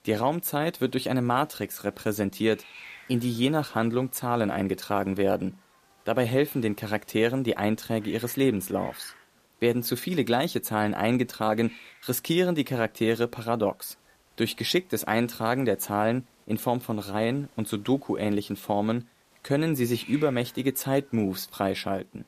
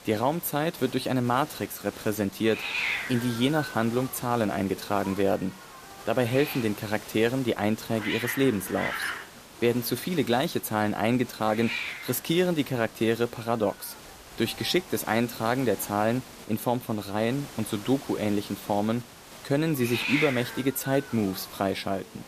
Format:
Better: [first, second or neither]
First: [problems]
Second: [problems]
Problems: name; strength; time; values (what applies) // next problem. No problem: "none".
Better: first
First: hiss; faint; throughout; 25 dB below the speech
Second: hiss; loud; throughout; 9 dB below the speech